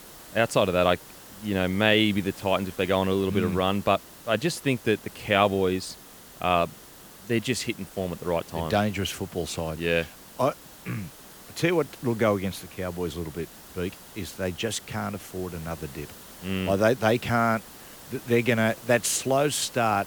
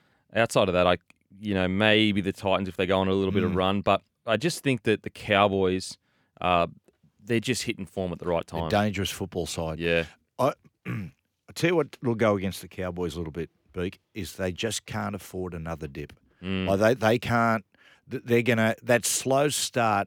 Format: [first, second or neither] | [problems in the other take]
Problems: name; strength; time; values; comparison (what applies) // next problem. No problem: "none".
second | hiss; noticeable; throughout; 20 dB below the speech